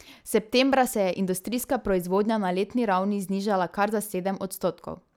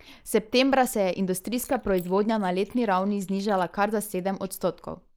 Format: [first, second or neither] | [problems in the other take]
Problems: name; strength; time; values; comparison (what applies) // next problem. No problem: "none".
first | noise reduction (neural mask model Resemble Enhance denoiser)